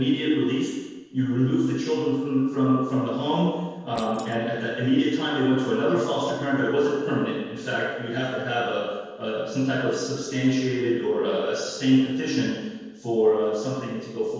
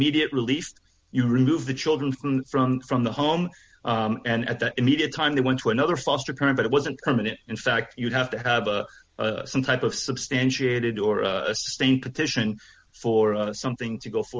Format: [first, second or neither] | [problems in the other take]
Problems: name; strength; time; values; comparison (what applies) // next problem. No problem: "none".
second | noise reduction (neural separator model SepFormer DNS4)